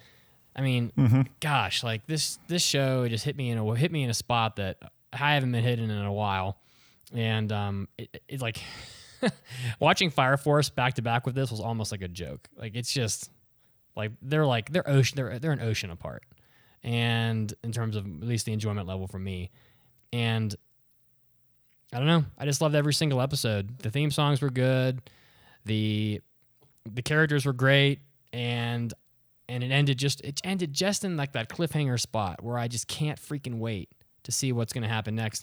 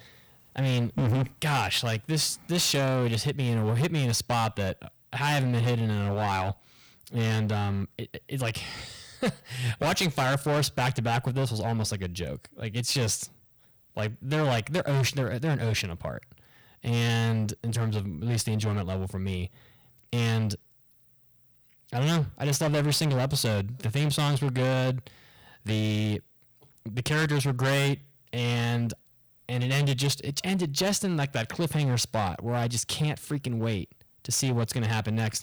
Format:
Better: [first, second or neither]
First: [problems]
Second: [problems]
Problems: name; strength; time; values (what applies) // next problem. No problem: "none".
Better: first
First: none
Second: distortion; heavy; 15% of the sound clipped